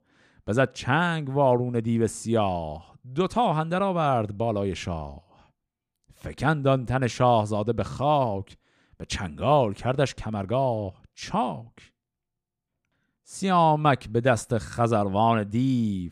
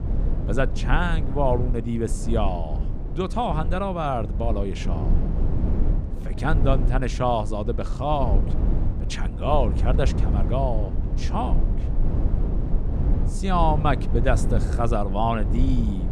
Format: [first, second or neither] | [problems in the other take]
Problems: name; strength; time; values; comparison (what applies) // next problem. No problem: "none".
first | low rumble; noticeable; throughout; 10 dB below the speech